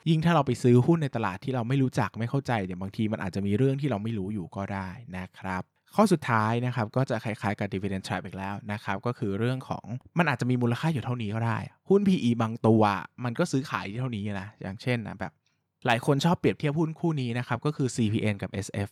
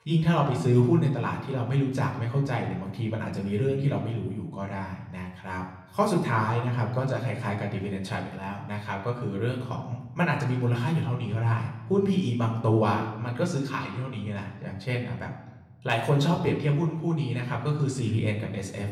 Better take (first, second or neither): first